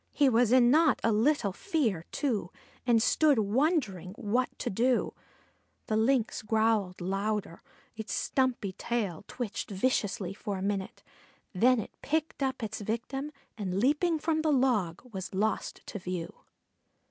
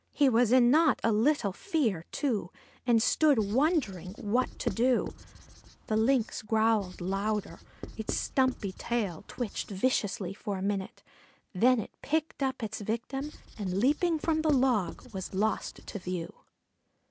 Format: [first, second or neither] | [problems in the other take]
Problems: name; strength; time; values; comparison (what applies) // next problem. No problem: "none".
first | background sound (Writing); 15 dB below the speech